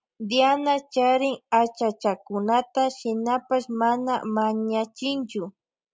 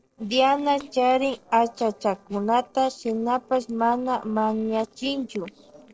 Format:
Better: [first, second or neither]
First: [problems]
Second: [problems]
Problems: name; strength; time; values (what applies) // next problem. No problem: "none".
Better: first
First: none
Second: noise reduction (neural separator model SepFormer DNS4)